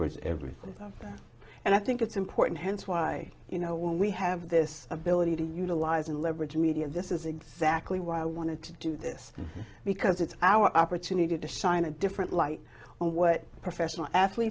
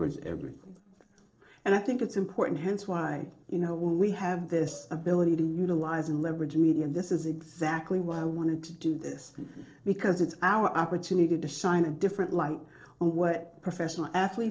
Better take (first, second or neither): first